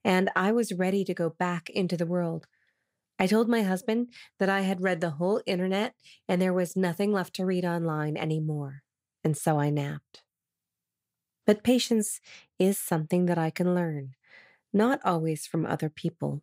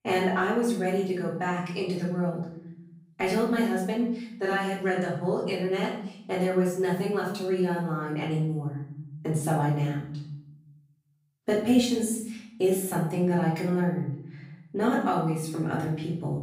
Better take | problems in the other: first | off-mic speech; far // room echo; noticeable; dies away in 0.7 s

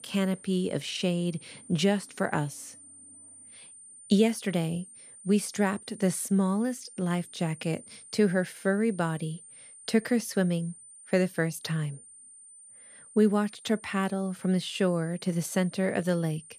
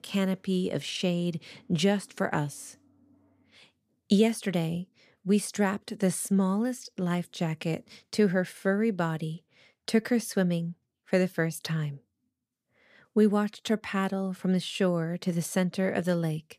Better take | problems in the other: second | high-pitched whine; noticeable; throughout; 9 kHz, 20 dB below the speech

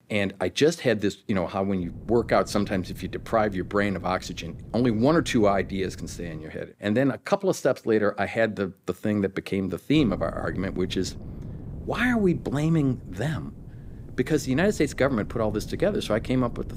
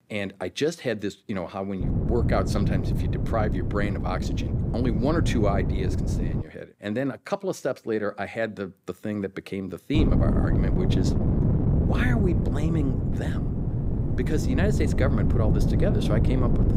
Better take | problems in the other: first | wind noise on the microphone; heavy; from 2 to 6.5 s and from 10 s on; 4 dB below the speech; occasional gusts in the first

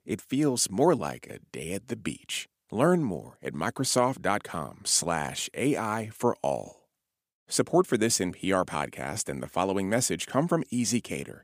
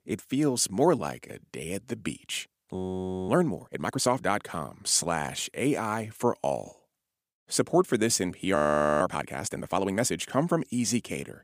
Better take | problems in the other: first | audio freezing; at 3 s for 0.5 s and at 8.5 s

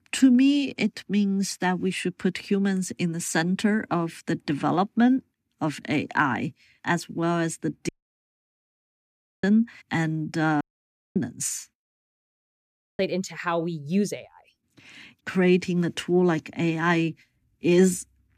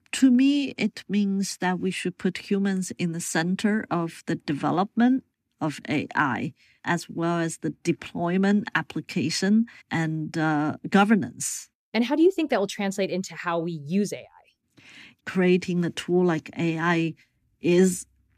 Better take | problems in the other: second | audio cutting out; at 8 s for 1.5 s, at 11 s for 0.5 s and at 12 s for 1 s

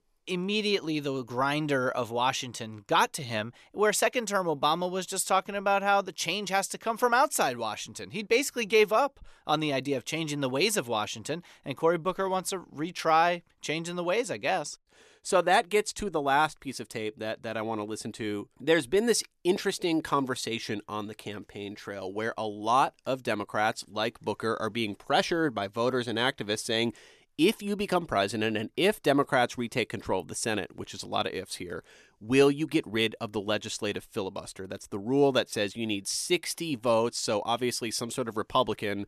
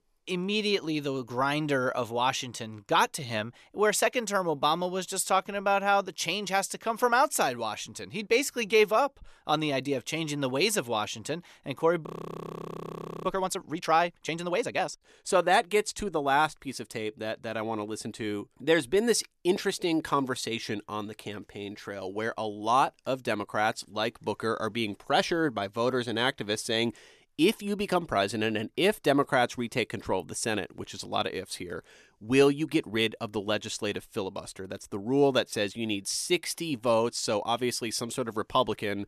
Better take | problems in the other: first | audio freezing; at 12 s for 1 s

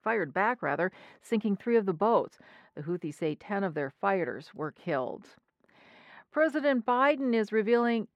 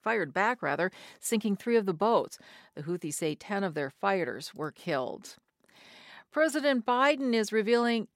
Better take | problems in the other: second | muffled; slightly; fading above 4 kHz

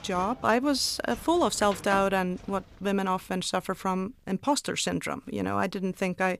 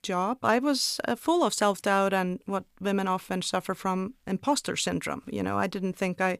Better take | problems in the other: second | animal sounds; noticeable; throughout; 15 dB below the speech

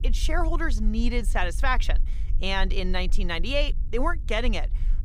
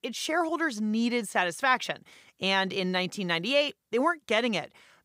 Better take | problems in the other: second | low rumble; faint; throughout; 25 dB below the speech

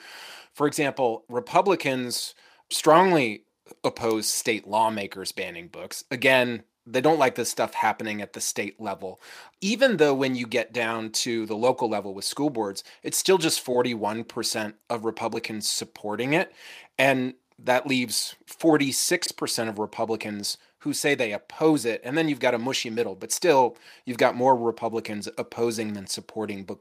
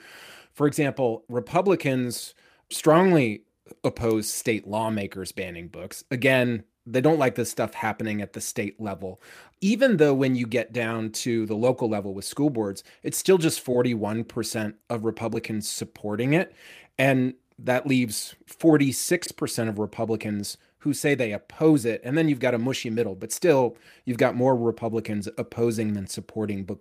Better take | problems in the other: second | thin; very slightly; fading below 350 Hz

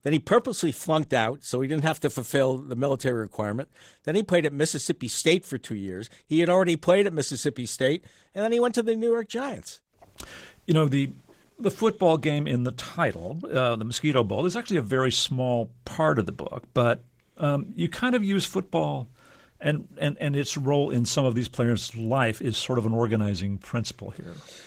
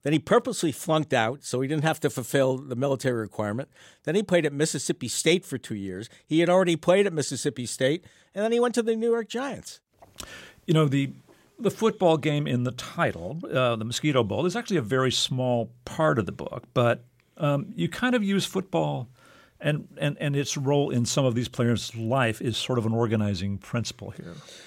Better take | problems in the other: second | garbled, watery; slightly; nothing above 16 kHz

